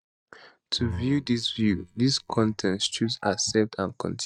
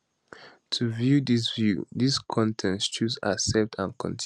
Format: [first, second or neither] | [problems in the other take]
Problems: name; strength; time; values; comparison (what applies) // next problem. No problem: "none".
second | noise reduction (neural mask model DeepFilterNet 3)